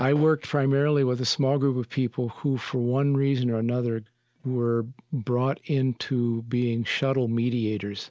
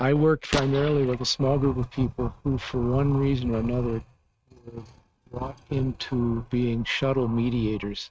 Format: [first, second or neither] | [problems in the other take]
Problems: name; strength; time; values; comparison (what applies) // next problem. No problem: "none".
first | noise reduction (neural mask model RNNoise)